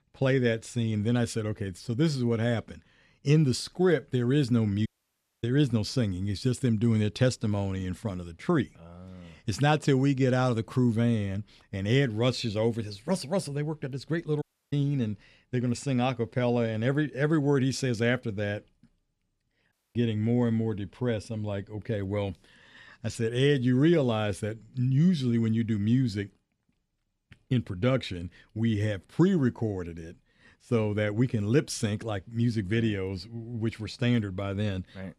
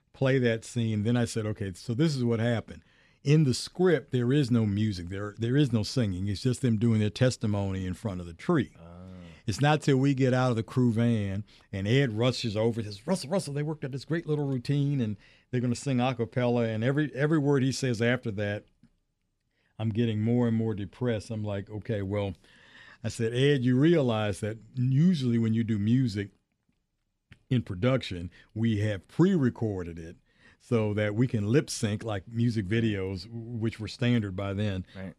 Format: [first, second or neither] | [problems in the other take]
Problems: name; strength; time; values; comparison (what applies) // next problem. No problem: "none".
second | audio cutting out; at 5 s for 0.5 s, at 14 s and at 20 s